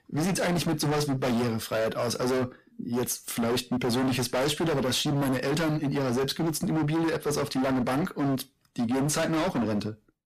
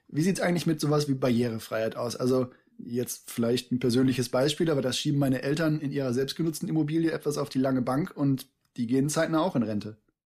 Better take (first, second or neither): second